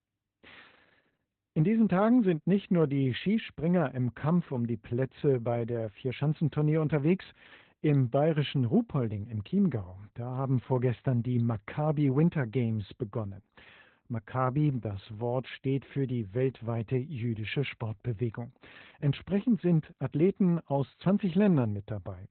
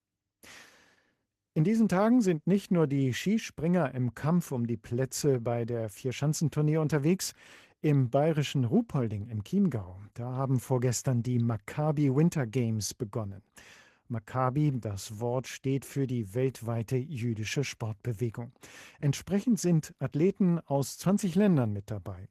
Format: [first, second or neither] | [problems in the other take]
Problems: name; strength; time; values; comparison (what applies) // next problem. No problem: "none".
second | garbled, watery; badly; nothing above 4 kHz; slightly in the second